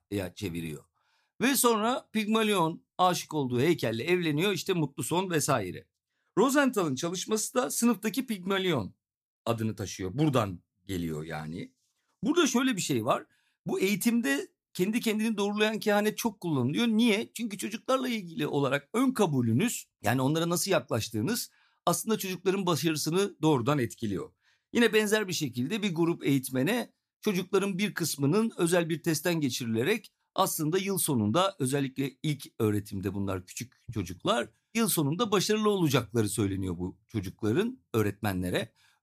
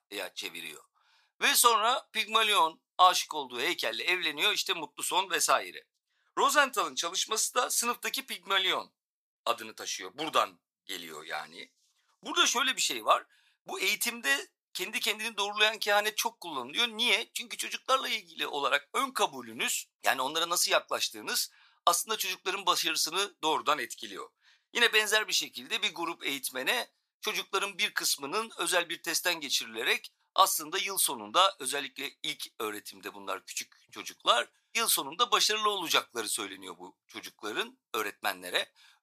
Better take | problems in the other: first | thin; very; fading below 800 Hz

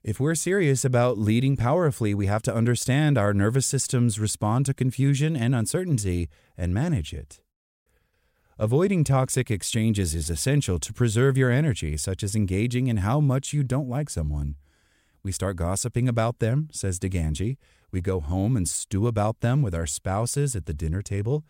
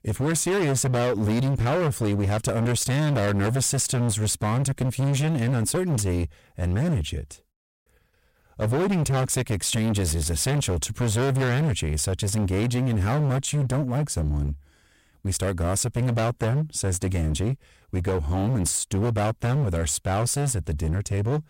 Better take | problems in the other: first | distortion; heavy; 27% of the sound clipped

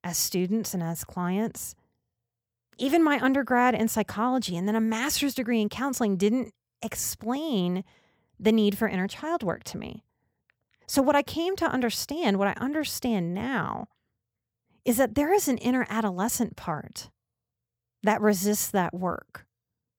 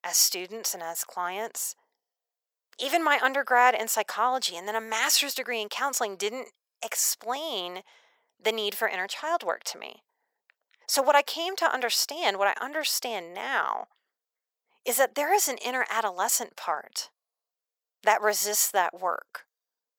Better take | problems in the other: first | thin; very; fading below 600 Hz

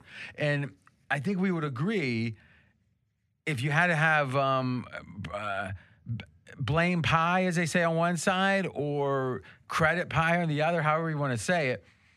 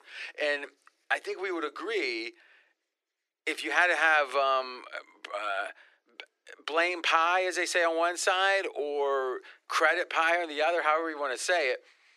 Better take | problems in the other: first | thin; very; fading below 300 Hz

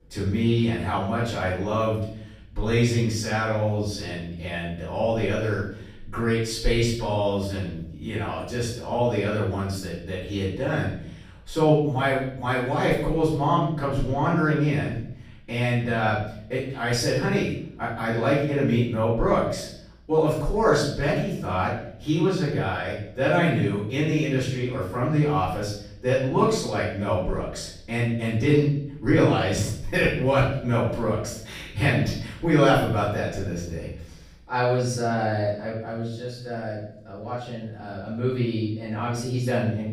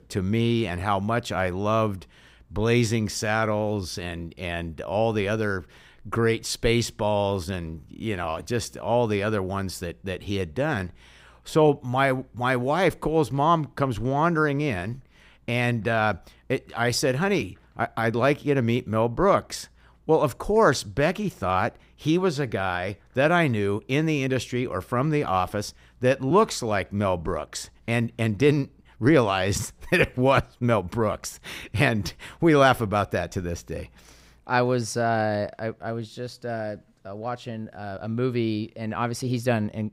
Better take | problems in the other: second | off-mic speech; far // room echo; noticeable; dies away in 0.6 s

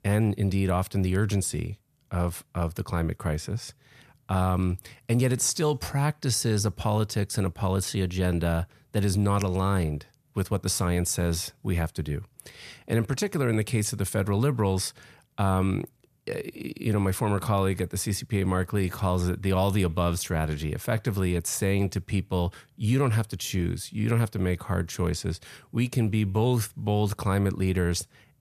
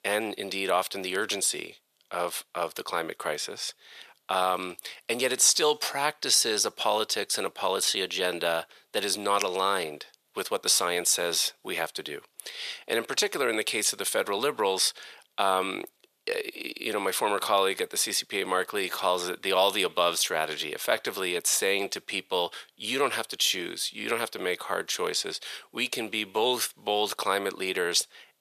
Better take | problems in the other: first | thin; very; fading below 450 Hz

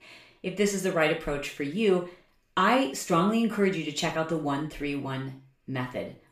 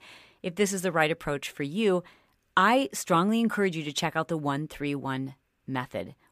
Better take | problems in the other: second | room echo; slight; dies away in 0.3 s // off-mic speech; far

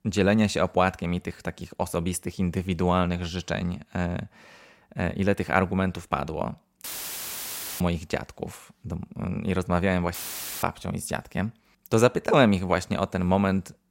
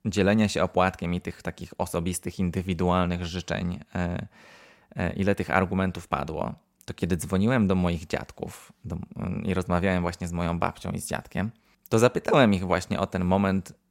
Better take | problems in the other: second | audio cutting out; filled with static; at 7 s for 1 s and at 10 s

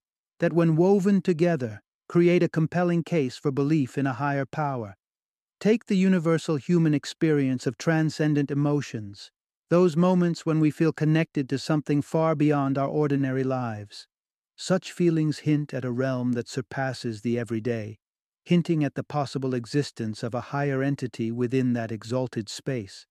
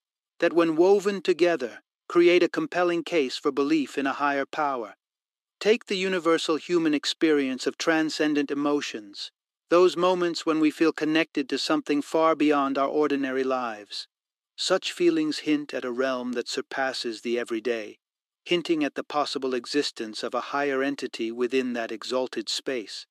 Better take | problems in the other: first | thin; somewhat; fading below 300 Hz

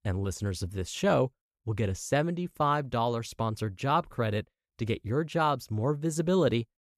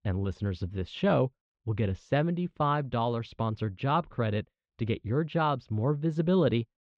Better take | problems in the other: first | muffled; slightly; fading above 3.5 kHz

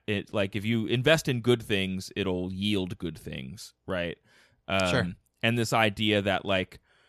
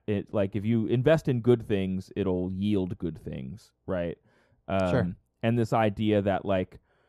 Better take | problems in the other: first | muffled; slightly; fading above 1.5 kHz

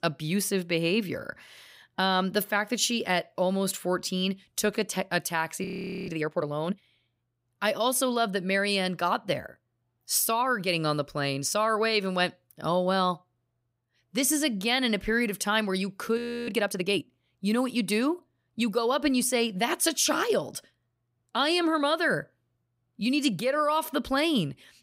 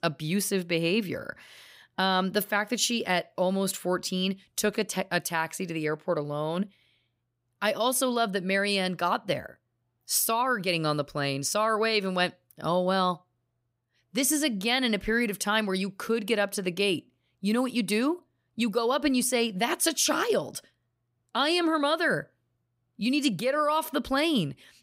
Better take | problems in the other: second | audio freezing; at 5.5 s and at 16 s

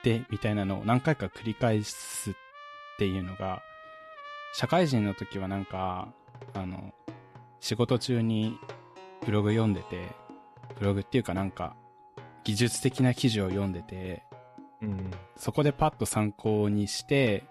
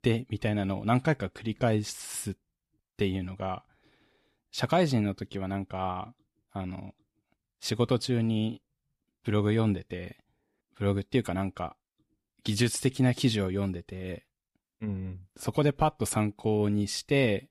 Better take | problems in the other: second | background music; noticeable; throughout; 20 dB below the speech

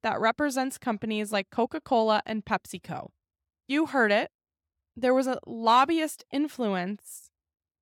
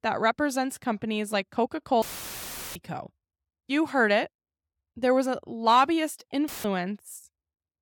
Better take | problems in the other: first | audio cutting out; filled with static; at 2 s for 0.5 s and at 6.5 s

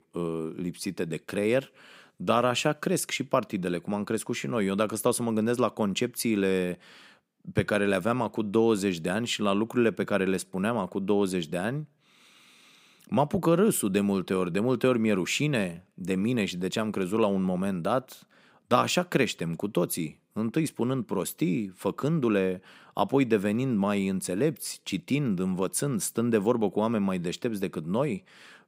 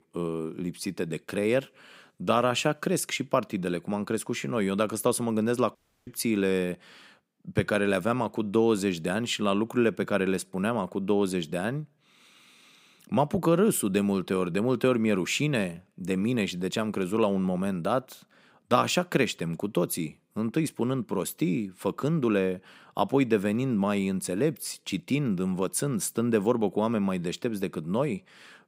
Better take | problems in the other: first | audio cutting out; at 6 s

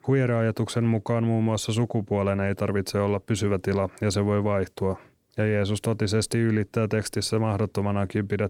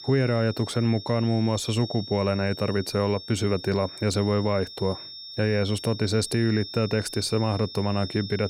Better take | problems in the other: first | high-pitched whine; noticeable; throughout; 5.5 kHz, 10 dB below the speech

